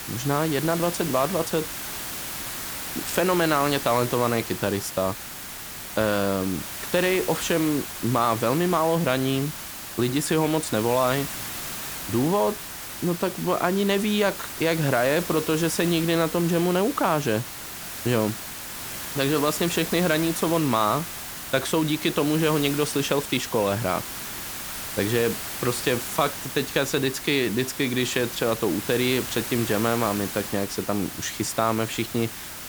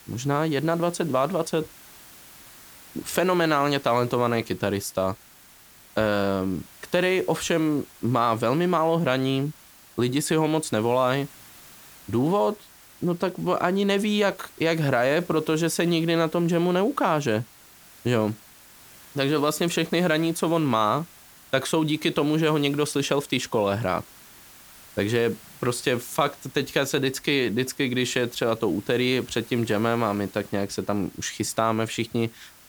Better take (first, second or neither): second